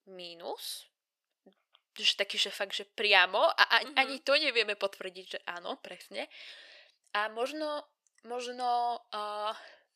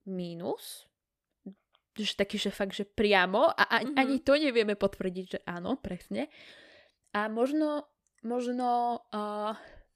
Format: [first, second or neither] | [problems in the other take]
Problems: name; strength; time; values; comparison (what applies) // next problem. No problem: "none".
second | thin; very; fading below 650 Hz